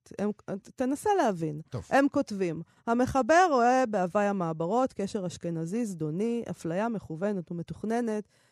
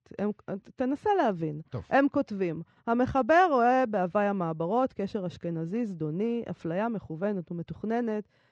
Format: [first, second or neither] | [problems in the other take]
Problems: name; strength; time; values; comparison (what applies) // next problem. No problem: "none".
first | muffled; slightly; fading above 4 kHz